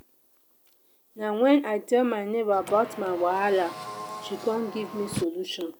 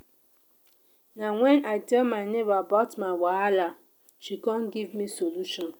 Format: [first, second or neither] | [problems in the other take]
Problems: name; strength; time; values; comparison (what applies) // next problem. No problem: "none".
second | background sound (Car); 12 dB below the speech